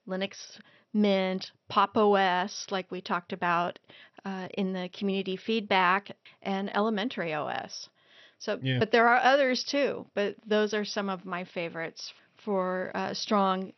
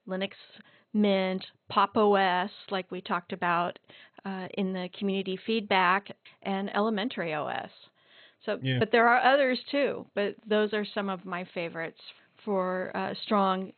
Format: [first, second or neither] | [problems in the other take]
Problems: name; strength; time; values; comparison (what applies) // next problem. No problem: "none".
first | garbled, watery; badly; nothing above 4 kHz; slightly in the first